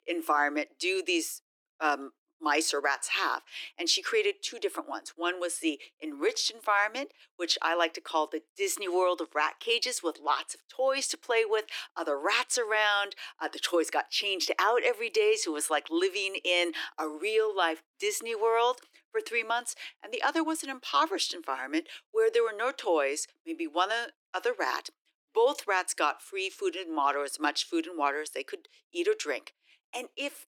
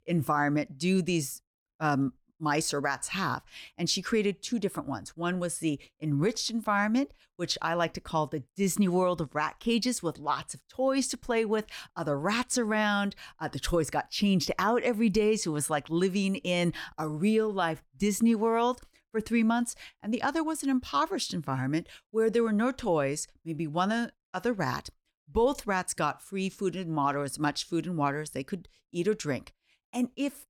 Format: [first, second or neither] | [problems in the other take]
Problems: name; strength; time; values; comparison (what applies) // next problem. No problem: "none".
second | thin; very; fading below 300 Hz